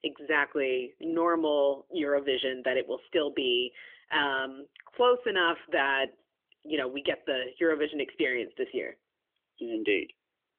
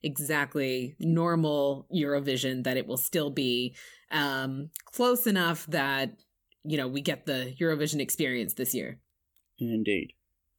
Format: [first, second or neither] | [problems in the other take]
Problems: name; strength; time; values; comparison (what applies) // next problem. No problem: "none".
second | phone-call audio; nothing above 3 kHz